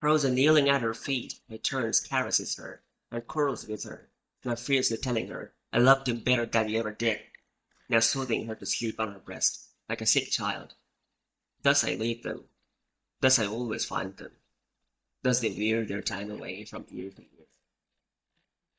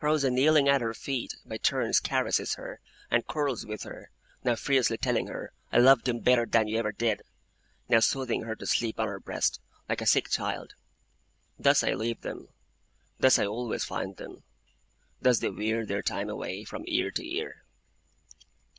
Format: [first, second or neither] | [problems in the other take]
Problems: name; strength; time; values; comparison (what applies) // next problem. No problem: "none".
second | noise reduction (neural mask model DeepFilterNet 3)